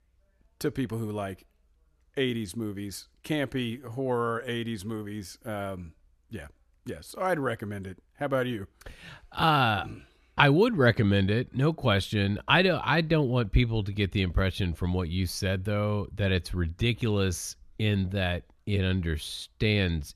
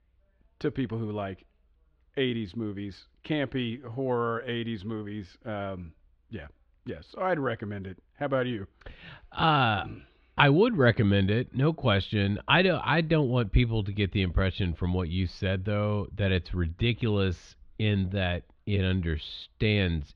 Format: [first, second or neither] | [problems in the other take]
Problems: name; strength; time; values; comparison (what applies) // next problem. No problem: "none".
first | muffled; very slightly; fading above 3.5 kHz